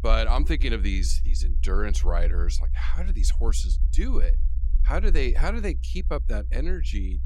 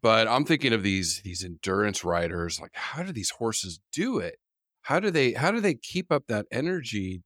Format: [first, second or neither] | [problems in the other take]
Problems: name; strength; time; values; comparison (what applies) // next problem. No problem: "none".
second | low rumble; noticeable; throughout; 15 dB below the speech